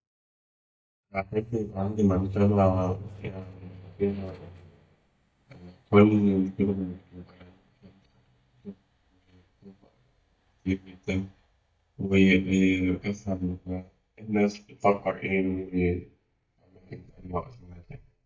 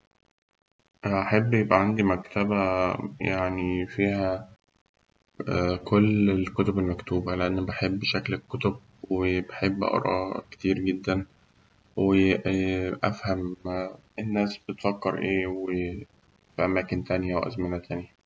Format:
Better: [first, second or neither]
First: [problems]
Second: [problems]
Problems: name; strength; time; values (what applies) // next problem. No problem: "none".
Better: second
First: noise reduction (neural mask model DeepFilterNet 3)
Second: none